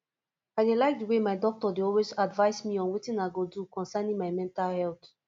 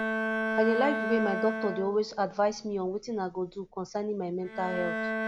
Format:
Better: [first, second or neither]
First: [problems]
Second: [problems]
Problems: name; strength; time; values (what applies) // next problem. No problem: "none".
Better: first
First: none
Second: background sound (Bowed string instrument); 3 dB below the speech